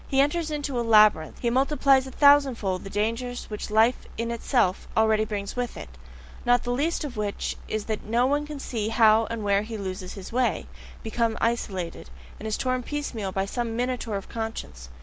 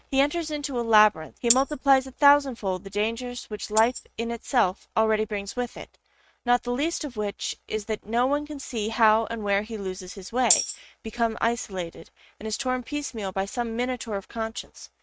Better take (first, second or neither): first